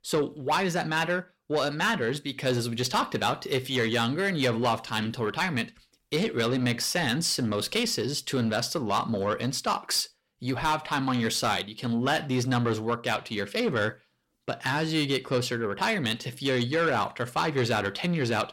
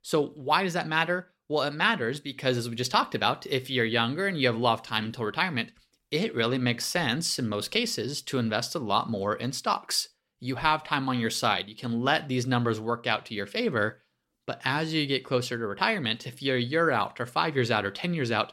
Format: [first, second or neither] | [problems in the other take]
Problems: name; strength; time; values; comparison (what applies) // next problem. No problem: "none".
second | distortion; slight; 10 dB below the speech